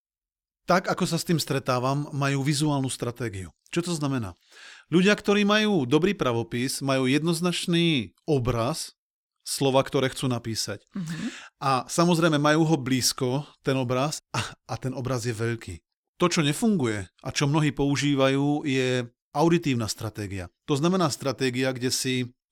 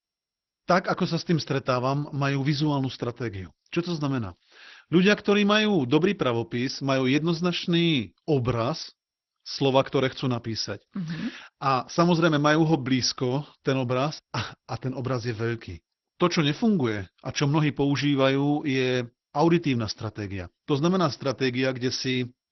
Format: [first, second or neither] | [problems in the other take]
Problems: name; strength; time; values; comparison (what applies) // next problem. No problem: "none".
first | garbled, watery; slightly; nothing above 6 kHz